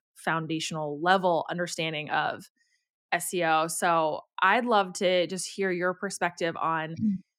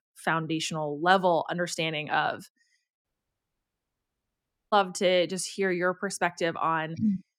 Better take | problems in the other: first | audio cutting out; at 3 s for 1.5 s

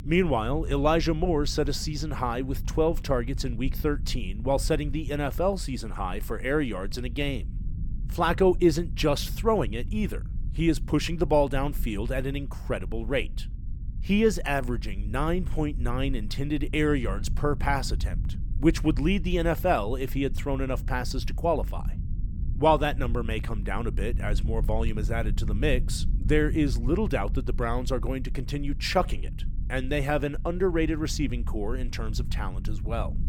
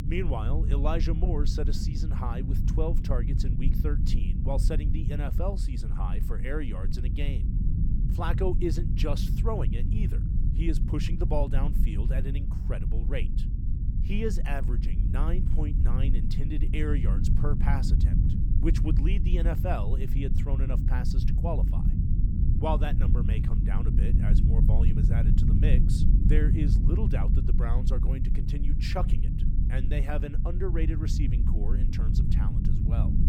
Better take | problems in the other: first | low rumble; loud; throughout; 4 dB below the speech; faint in the first

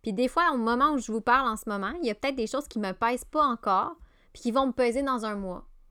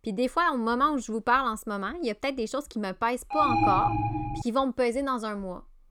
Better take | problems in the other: first | alarm; loud; from 3.5 to 4.5 s; peak 3 dB above the speech

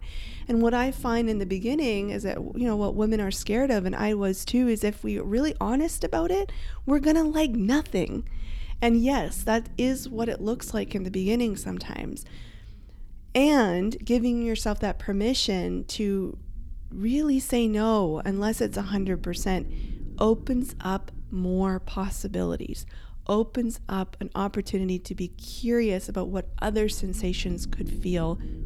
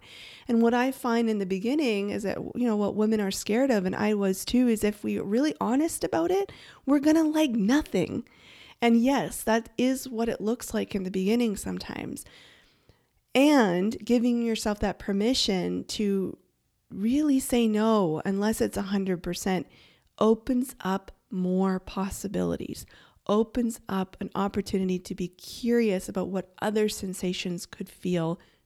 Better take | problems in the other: second | low rumble; faint; throughout; 25 dB below the speech

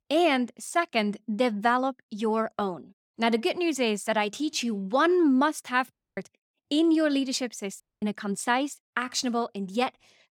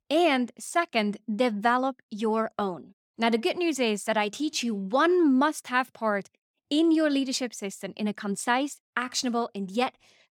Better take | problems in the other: second | audio cutting out; at 6 s and at 8 s

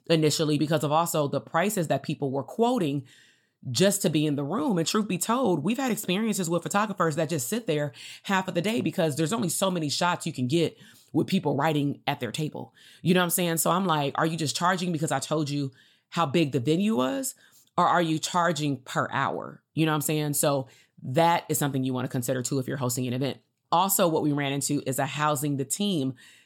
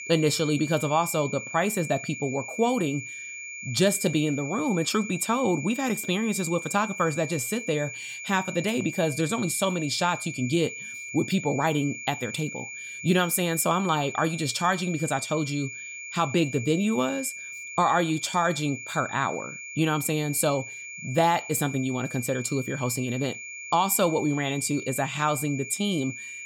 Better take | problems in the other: first | high-pitched whine; loud; throughout; 2.5 kHz, 9 dB below the speech

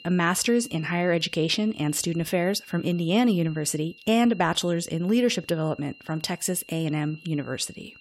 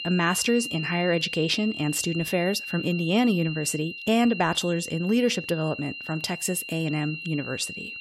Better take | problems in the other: first | high-pitched whine; loud; throughout; 3 kHz, 8 dB below the speech; faint in the first

